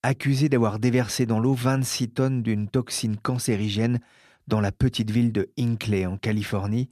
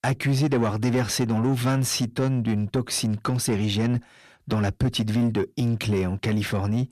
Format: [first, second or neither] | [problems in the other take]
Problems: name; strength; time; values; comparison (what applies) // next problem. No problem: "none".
first | distortion; slight; 10 dB below the speech